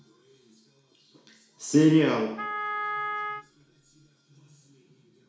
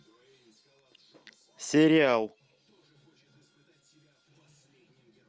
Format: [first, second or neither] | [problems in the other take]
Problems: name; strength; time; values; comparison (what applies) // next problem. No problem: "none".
second | background sound (Wind instrument, woodwind instrument); 5 dB below the speech // room echo; dies away in 0.6 s